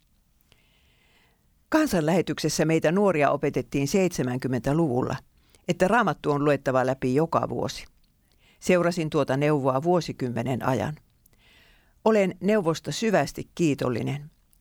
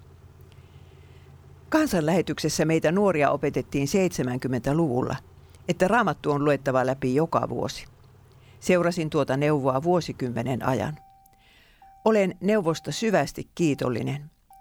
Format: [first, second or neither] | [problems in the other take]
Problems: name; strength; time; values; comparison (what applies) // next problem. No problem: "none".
first | traffic noise; faint; throughout; 25 dB below the speech